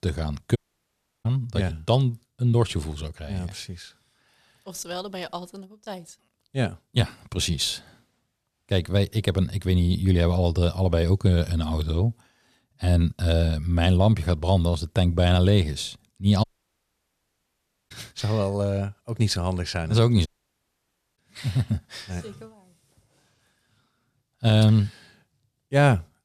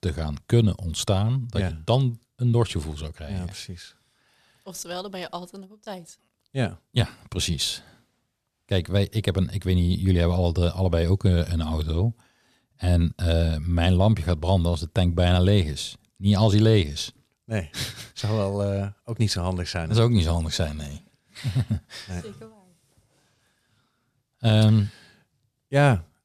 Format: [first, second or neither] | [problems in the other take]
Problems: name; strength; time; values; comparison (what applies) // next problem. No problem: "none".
second | audio cutting out; at 0.5 s for 0.5 s, at 16 s for 1.5 s and at 20 s for 1 s